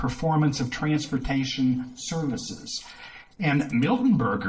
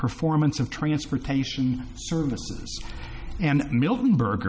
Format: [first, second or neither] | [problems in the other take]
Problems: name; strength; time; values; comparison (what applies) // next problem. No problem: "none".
second | noise reduction (neural separator model SepFormer DNS4)